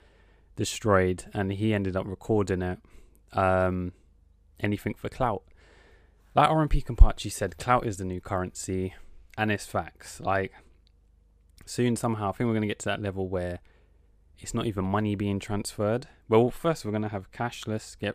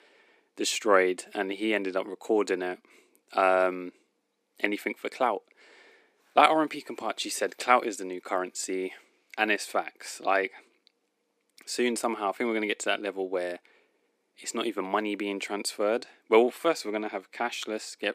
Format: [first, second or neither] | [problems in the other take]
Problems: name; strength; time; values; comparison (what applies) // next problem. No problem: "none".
first | thin; somewhat; fading below 250 Hz